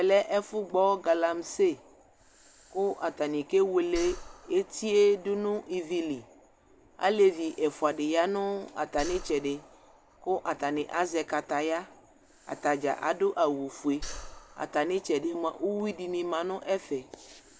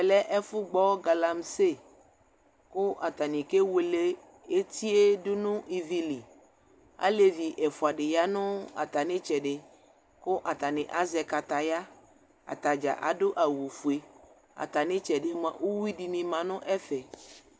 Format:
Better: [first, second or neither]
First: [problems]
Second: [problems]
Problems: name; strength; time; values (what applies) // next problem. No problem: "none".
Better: second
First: background sound (Breathing); 19 dB below the speech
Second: none